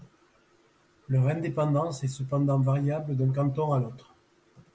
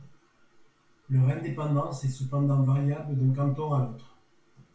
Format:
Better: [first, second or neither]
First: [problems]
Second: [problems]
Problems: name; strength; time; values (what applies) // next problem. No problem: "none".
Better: first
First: none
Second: room echo; dies away in 0.3 s